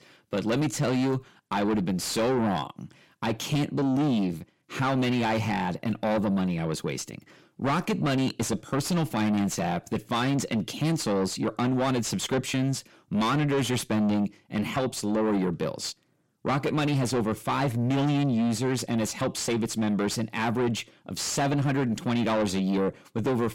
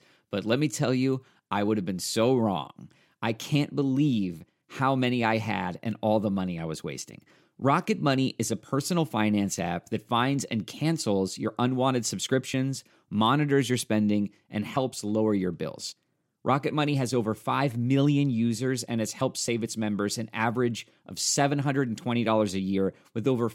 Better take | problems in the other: second | distortion; heavy; 7 dB below the speech

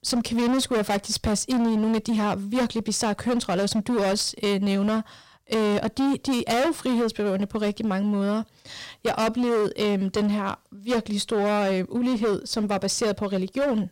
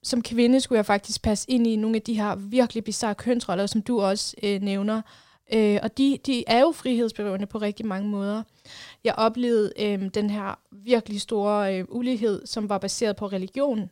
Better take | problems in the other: second | distortion; heavy; 22% of the sound clipped

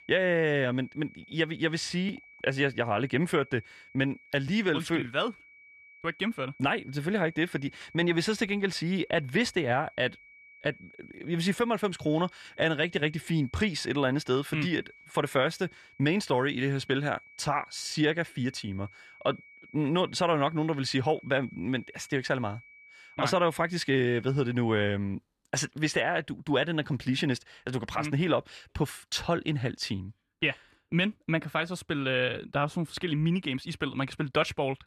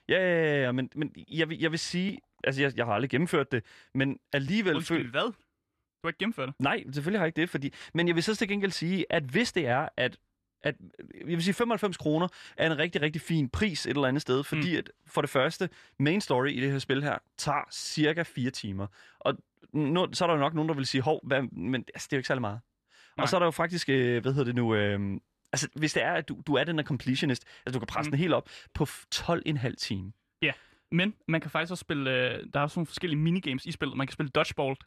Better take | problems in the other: second | high-pitched whine; faint; until 25 s; 2.5 kHz, 25 dB below the speech

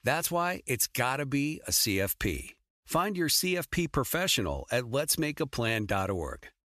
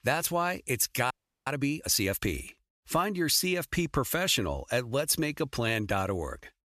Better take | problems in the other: first | audio freezing; at 1 s

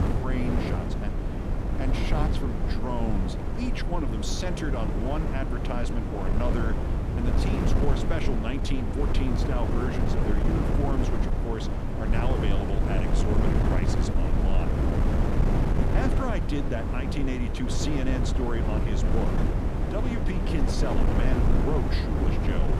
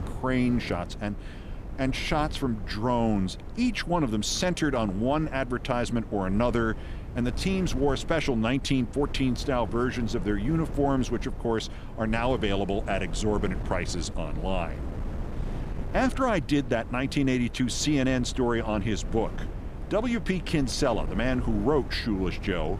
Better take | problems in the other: second | wind noise on the microphone; heavy; 1 dB above the speech; occasional gusts in the second

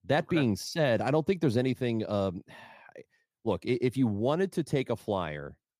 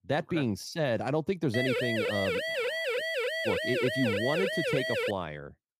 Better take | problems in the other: first | siren; loud; from 1.5 to 5 s; peak 2 dB above the speech

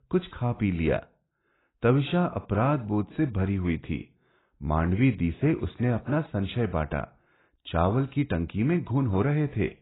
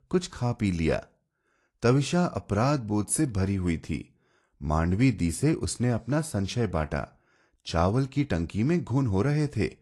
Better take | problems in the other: second | garbled, watery; badly; nothing above 4 kHz; slightly in the second

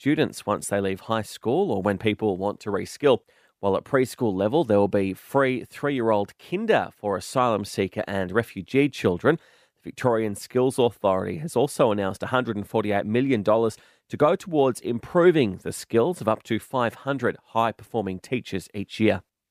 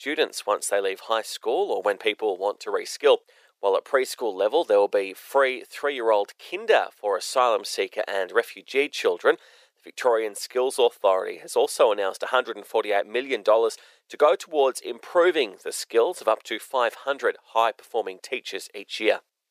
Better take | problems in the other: first | thin; very; fading below 450 Hz

